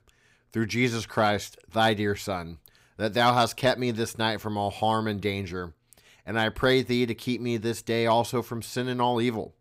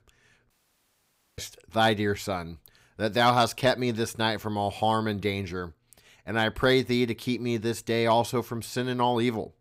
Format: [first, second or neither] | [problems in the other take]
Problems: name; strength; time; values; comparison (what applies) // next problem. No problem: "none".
first | audio cutting out; at 0.5 s for 1 s